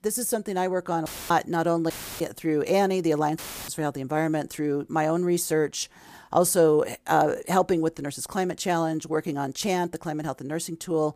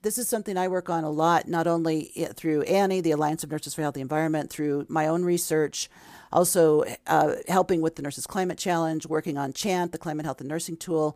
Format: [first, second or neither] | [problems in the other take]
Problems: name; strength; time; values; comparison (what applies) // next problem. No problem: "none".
second | audio cutting out; filled with static; at 1 s, at 2 s and at 3.5 s